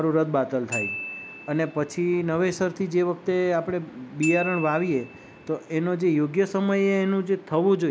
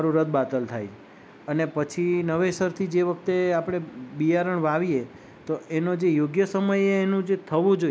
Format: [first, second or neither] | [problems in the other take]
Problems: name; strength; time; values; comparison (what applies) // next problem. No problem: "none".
second | background sound (Glockenspiel); 14 dB below the speech